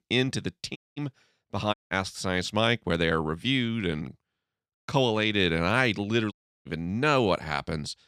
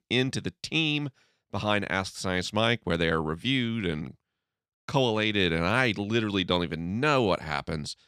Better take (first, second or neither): second